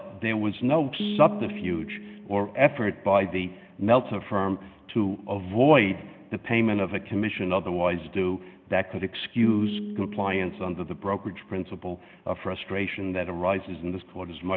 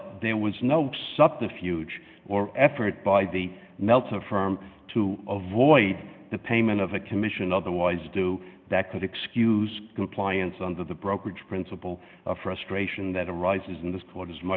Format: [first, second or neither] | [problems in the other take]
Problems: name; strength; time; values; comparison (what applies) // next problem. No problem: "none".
second | background sound (Piano); 11 dB below the speech